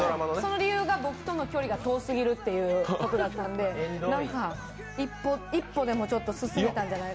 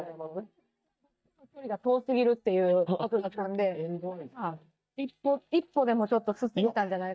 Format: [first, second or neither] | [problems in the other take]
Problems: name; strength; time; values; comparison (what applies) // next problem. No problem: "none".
first | noise reduction (neural mask model DeepFilterNet 3)